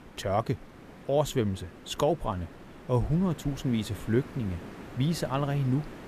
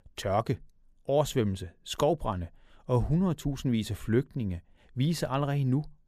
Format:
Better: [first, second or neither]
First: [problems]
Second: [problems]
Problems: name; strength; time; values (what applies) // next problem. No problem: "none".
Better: second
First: hiss; noticeable; throughout; 15 dB below the speech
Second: none